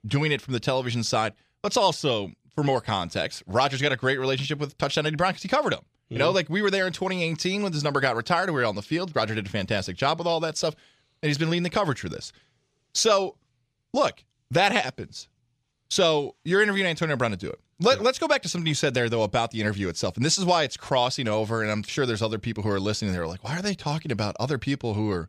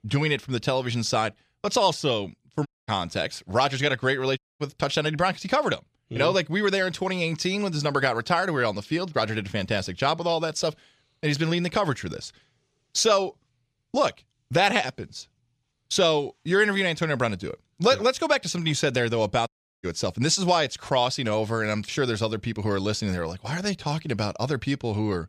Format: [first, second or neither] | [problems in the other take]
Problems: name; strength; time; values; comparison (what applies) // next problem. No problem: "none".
first | audio cutting out; at 2.5 s, at 4.5 s and at 19 s